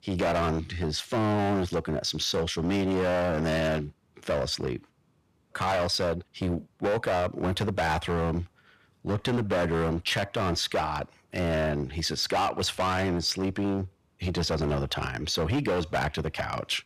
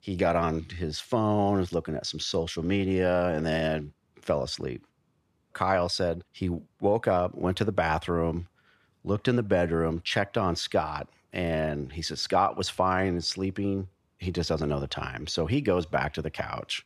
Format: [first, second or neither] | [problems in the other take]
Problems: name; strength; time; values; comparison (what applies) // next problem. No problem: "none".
second | distortion; heavy; 16% of the sound clipped